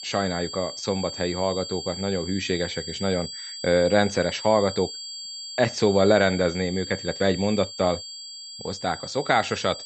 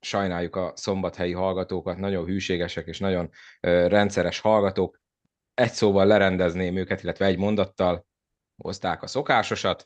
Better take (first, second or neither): second